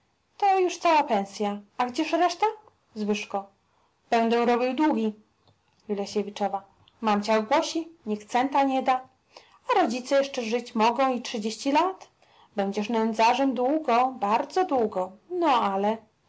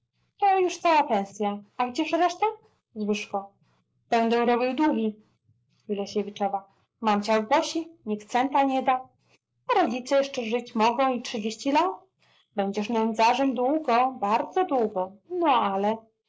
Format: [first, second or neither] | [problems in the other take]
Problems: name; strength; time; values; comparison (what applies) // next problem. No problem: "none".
first | noise reduction (neural mask model Resemble Enhance denoiser)